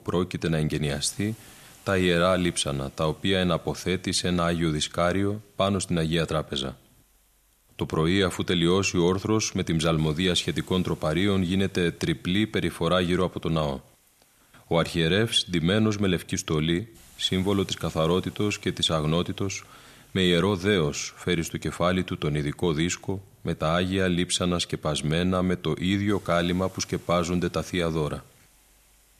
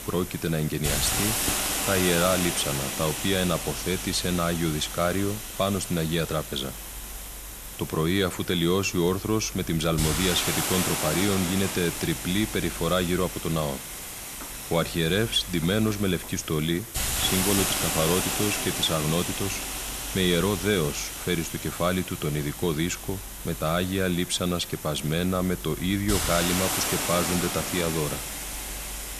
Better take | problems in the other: first | hiss; loud; throughout; 3 dB below the speech; faint in the first

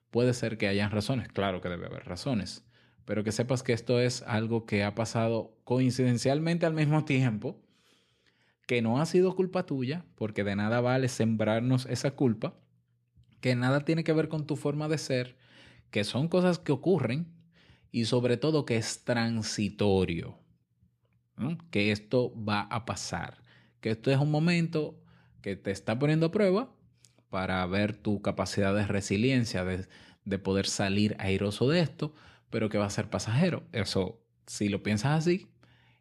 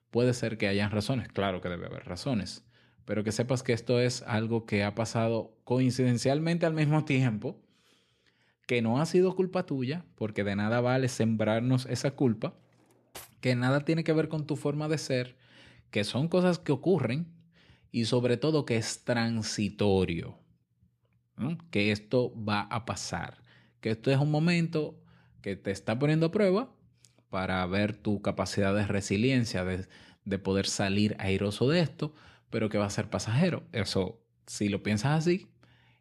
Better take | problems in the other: first | clattering dishes; faint; at 13 s; peak 20 dB below the speech

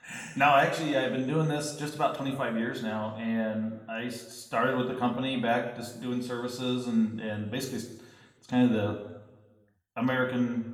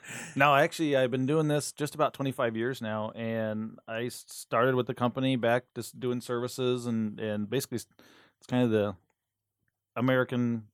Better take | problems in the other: second | room echo; slight; dies away in 0.9 s // off-mic speech; somewhat distant

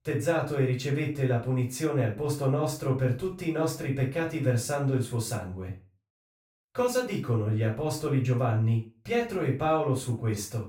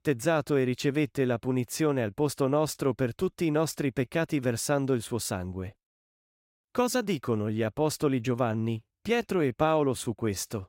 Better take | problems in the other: second | room echo; slight; dies away in 0.3 s // off-mic speech; far

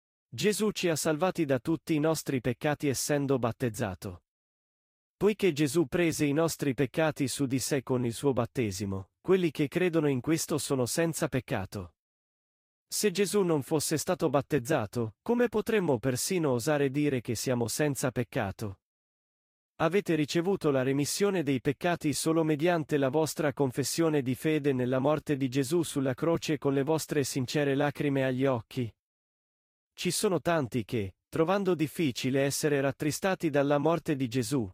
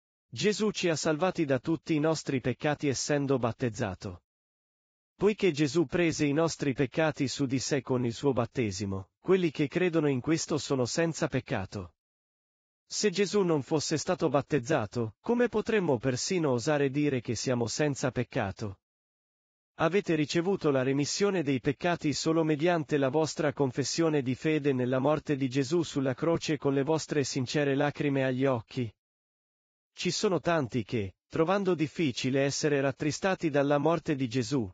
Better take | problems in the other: first | garbled, watery; badly; nothing above 7.5 kHz; slightly in the first

